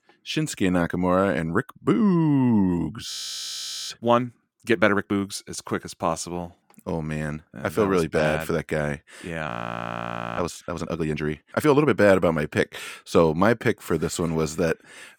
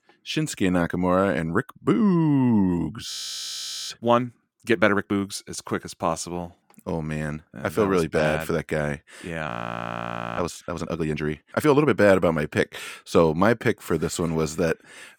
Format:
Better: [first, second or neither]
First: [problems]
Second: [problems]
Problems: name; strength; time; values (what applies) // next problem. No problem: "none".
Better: neither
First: audio freezing; at 3 s for 1 s and at 9.5 s for 1 s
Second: audio freezing; at 3 s for 1 s and at 9.5 s for 1 s